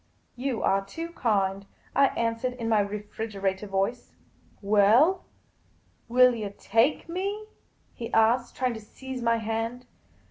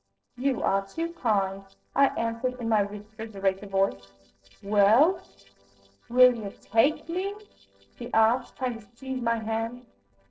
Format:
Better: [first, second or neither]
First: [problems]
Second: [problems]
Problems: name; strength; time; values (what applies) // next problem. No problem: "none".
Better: first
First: none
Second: noise reduction (neural separator model SepFormer DNS4)